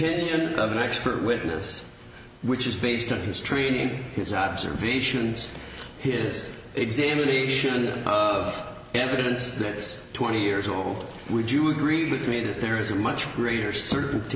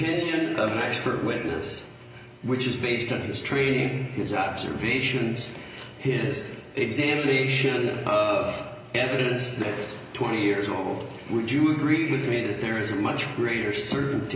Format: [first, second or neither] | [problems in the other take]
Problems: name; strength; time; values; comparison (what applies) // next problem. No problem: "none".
first | background sound (Fireworks); 20 dB below the speech // room echo; dies away in 0.5 s